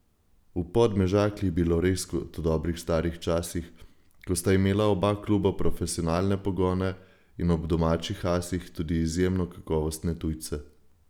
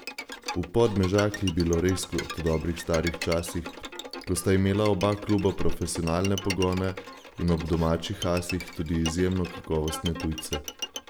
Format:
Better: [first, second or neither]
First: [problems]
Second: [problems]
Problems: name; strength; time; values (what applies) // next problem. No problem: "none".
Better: first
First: none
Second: background sound (Bowed string instrument); 12 dB below the speech